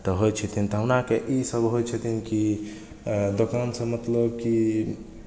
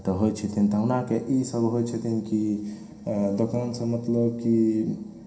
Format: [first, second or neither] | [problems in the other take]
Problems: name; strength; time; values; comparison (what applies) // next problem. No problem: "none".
first | room echo; dies away in 0.3 s